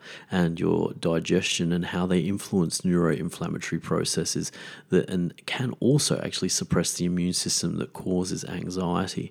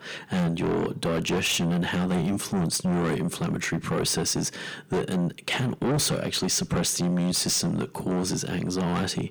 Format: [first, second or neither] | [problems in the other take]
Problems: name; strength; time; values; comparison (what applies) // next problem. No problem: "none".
first | distortion; heavy; 6 dB below the speech